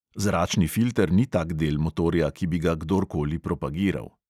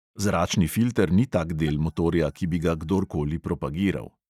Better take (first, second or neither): first